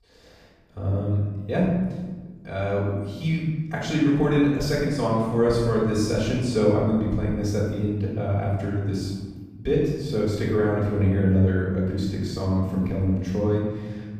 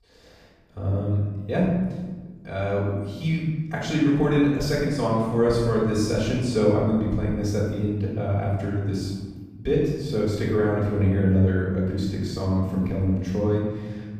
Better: neither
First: room echo; strong; dies away in 1.4 s // off-mic speech; far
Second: room echo; strong; dies away in 1.4 s // off-mic speech; far

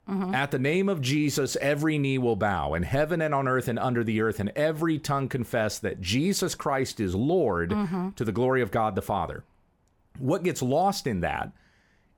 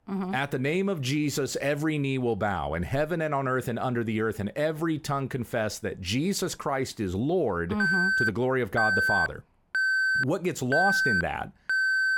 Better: first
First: none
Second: alarm; loud; from 8 s on; peak 6 dB above the speech

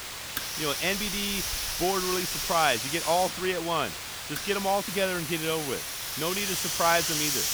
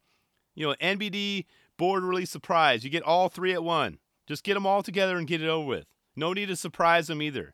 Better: second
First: hiss; loud; throughout; 1 dB below the speech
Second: none

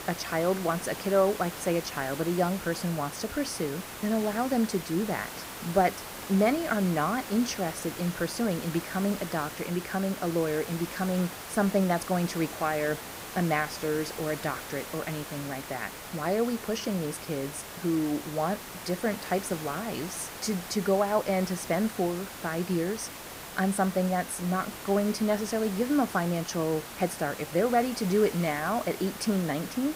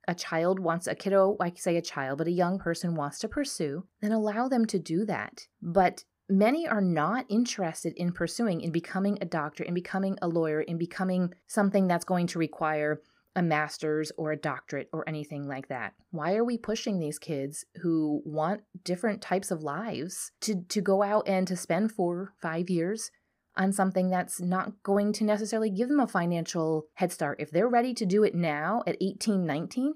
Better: second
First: hiss; loud; throughout; 10 dB below the speech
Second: none

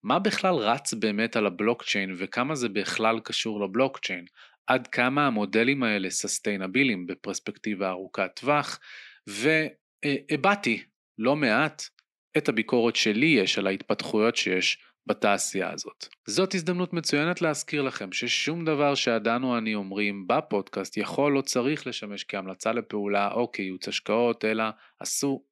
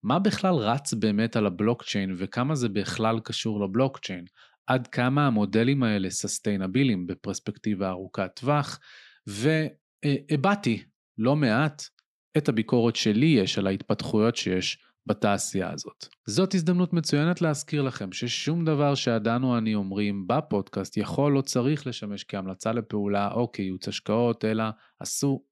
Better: second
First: thin; very slightly; fading below 250 Hz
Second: none

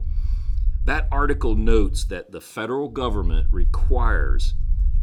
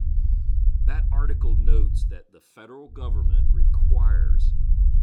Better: first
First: low rumble; faint; until 2 s and from 3 s on; 20 dB below the speech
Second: low rumble; loud; until 2 s and from 3 s on; 2 dB below the speech

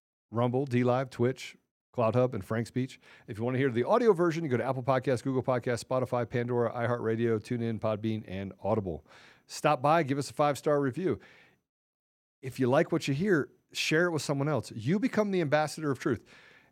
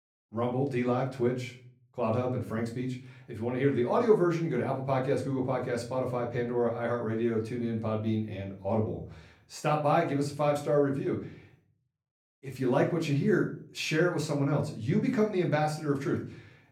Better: first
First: none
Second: room echo; slight; dies away in 0.4 s // off-mic speech; far

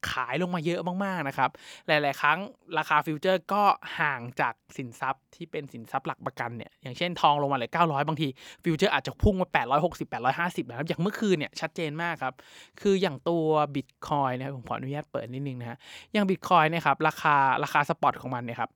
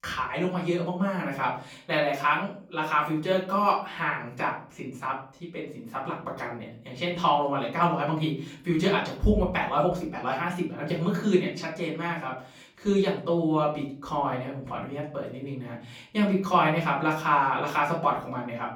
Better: first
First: none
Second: off-mic speech; far // room echo; slight; dies away in 0.4 s

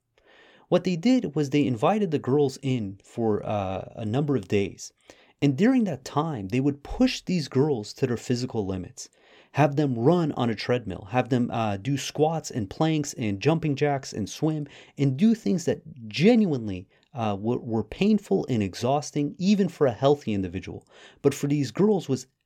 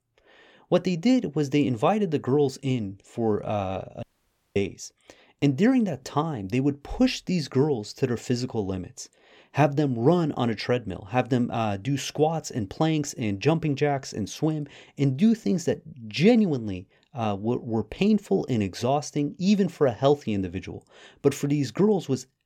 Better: first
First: none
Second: audio cutting out; at 4 s for 0.5 s

